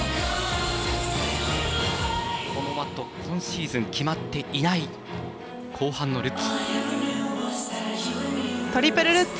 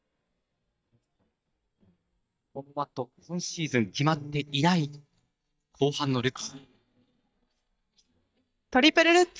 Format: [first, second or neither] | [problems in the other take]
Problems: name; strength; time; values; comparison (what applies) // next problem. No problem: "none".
first | noise reduction (neural mask model DeepFilterNet 3)